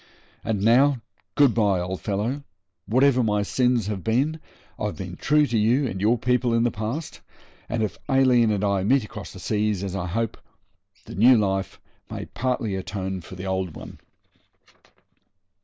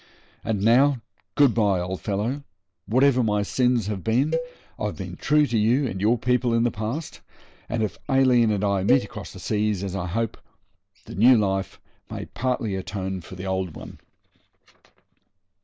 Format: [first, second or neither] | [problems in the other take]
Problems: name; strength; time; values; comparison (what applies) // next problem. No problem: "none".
first | background sound (Cowbell); 11 dB below the speech